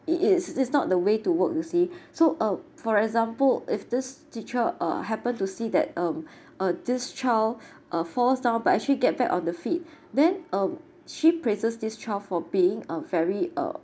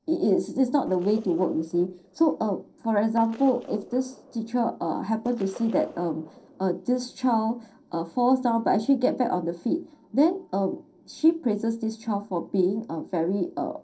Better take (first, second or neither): first